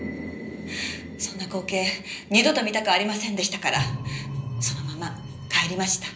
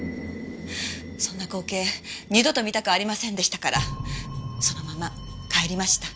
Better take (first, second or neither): second